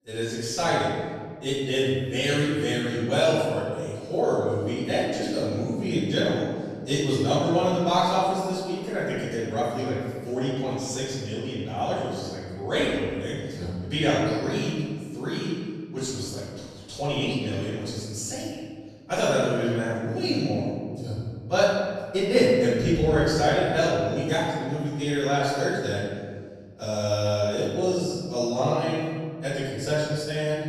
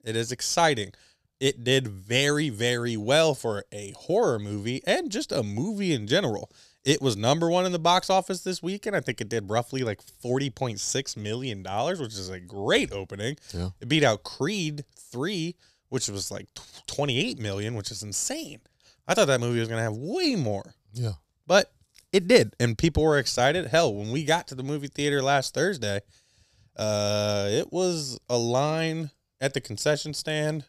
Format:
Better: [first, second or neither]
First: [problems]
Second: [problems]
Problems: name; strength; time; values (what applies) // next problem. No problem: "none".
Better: second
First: off-mic speech; far // room echo; strong; dies away in 1.8 s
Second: none